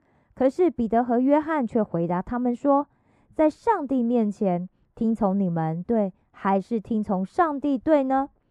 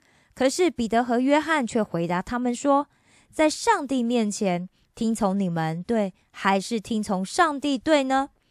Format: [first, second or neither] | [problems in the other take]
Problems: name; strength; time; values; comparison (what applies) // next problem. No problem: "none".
second | muffled; very; fading above 2 kHz